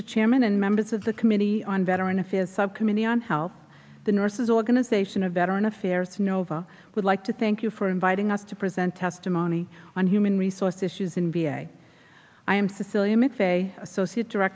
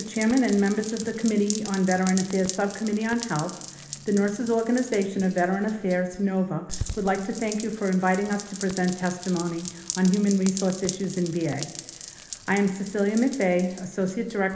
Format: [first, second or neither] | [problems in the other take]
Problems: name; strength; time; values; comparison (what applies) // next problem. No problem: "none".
first | background sound (Rain); 13 dB below the speech // room echo; dies away in 1 s